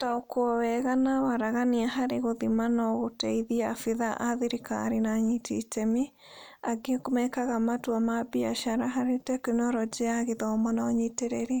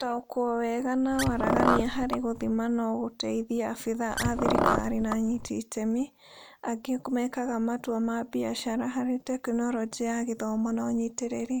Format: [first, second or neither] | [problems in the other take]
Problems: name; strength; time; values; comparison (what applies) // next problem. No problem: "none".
first | background sound (Car); 1 dB above the speech